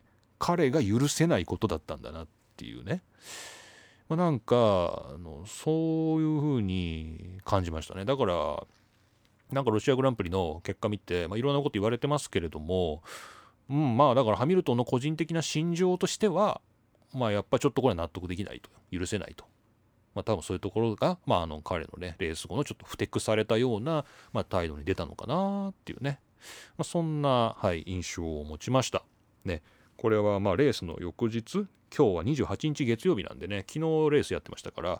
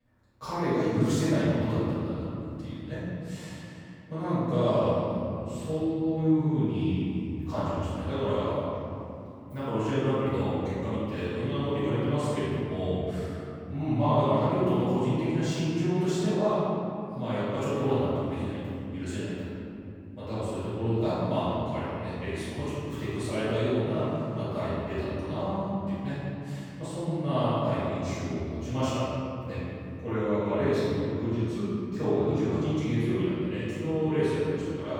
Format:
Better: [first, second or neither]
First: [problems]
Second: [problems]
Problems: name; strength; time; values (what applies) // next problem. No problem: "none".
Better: first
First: none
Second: off-mic speech; far // room echo; strong; dies away in 3 s